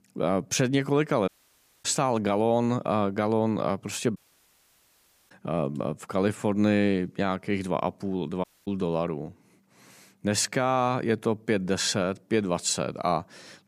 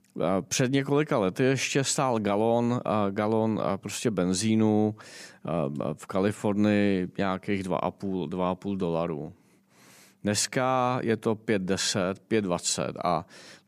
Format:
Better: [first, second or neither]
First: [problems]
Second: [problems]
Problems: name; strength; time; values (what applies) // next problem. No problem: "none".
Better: second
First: audio cutting out; at 1.5 s for 0.5 s, at 4 s for 1 s and at 8.5 s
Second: none